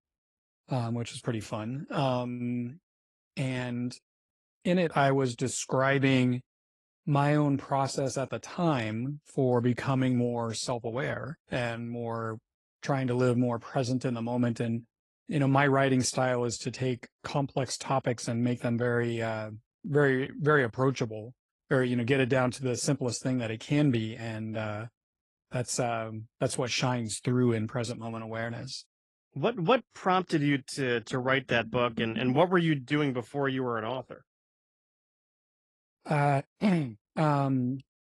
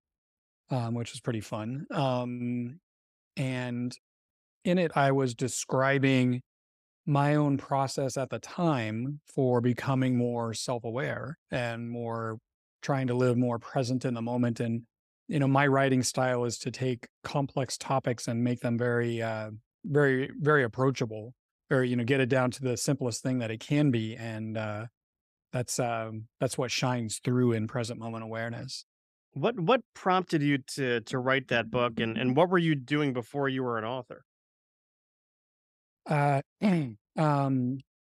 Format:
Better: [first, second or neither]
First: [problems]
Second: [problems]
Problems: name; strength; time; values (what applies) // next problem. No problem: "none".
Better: second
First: garbled, watery; slightly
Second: none